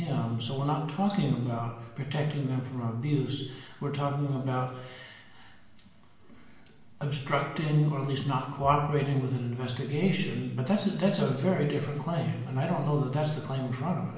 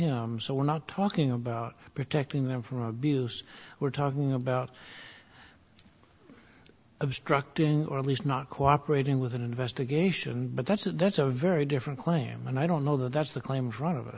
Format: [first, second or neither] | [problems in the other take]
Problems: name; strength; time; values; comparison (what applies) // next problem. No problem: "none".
second | room echo; dies away in 1 s